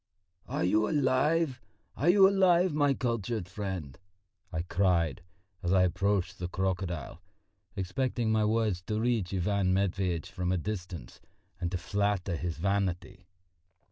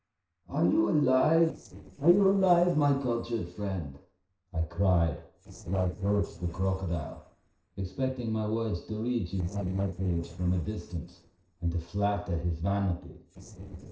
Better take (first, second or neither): first